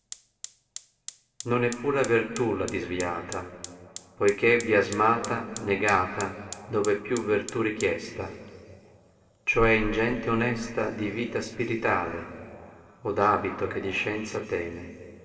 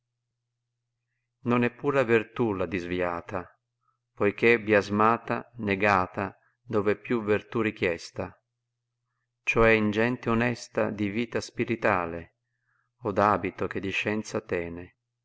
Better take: second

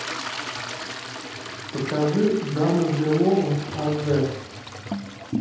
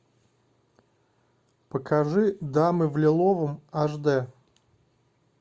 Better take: second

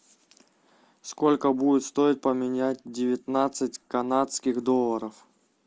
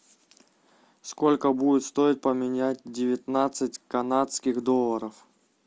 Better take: second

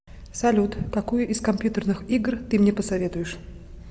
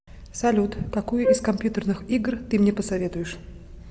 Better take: first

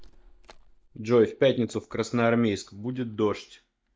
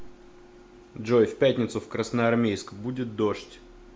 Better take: second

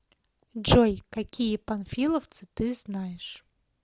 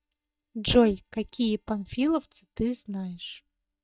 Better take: first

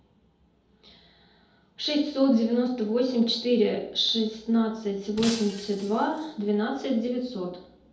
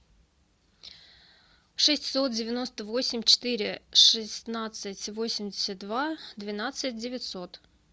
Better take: second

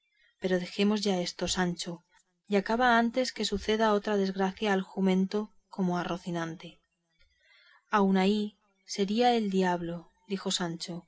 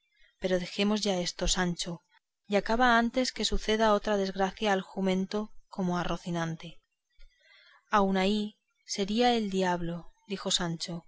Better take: second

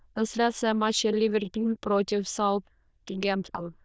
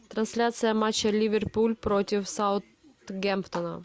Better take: second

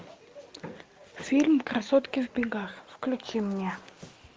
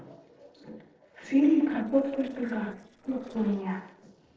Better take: first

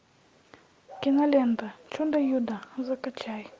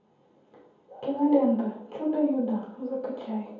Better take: first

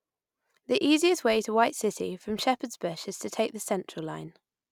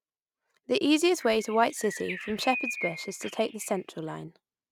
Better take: first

